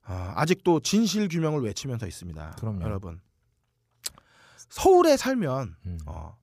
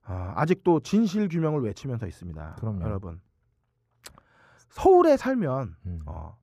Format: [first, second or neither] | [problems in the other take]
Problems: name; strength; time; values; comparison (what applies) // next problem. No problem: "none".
first | muffled; slightly; fading above 2.5 kHz